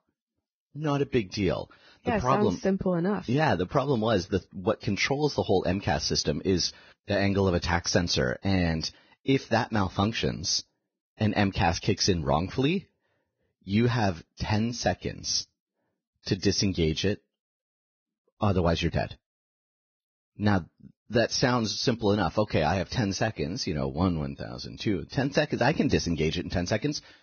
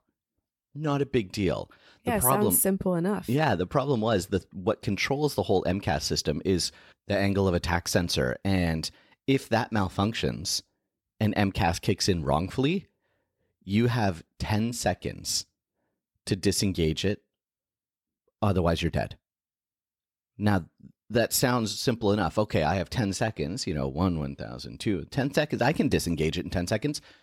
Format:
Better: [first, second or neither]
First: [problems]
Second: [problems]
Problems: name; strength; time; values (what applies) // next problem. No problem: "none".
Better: second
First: garbled, watery; badly; nothing above 6.5 kHz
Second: none